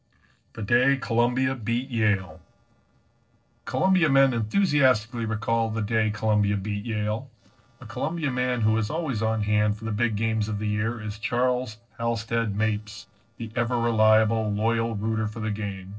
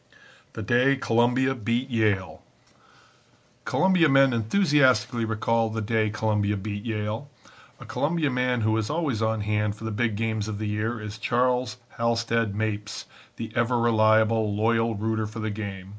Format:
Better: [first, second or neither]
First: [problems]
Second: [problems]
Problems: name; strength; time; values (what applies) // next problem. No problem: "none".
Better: second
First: noise reduction (neural separator model SepFormer DNS4)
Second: none